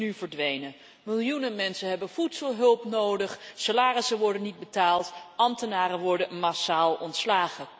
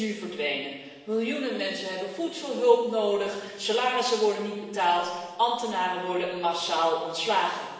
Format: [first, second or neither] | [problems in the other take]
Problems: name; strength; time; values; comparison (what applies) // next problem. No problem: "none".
first | room echo; dies away in 1 s